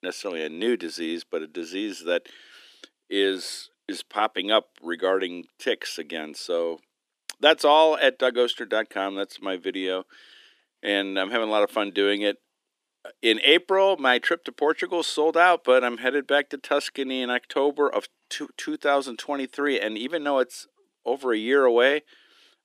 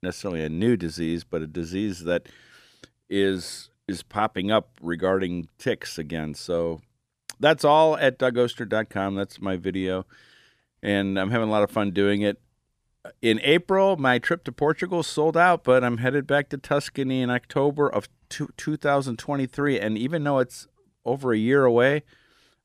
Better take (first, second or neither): second